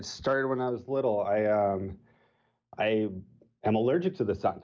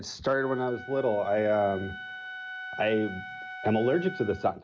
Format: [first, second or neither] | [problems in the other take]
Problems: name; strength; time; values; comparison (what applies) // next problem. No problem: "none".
first | background sound (Wind instrument, woodwind instrument); 12 dB below the speech